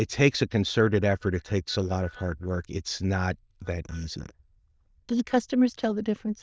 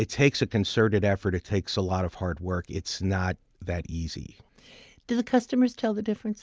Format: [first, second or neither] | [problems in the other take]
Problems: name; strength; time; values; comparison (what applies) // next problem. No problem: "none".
second | noise reduction (neural diffusion model UNIVERSE++)